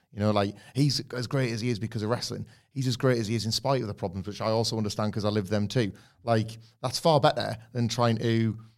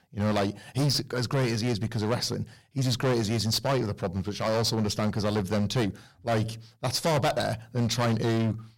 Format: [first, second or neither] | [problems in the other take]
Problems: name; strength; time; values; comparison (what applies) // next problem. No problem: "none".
first | distortion; heavy; 14% of the sound clipped